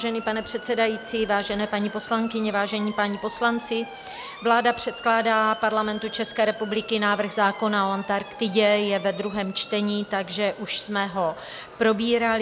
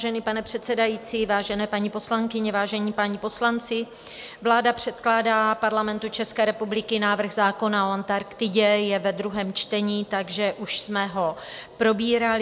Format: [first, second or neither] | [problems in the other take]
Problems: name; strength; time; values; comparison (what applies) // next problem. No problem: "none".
second | background sound (Motor vehicle (road) / Siren); 17 dB below the speech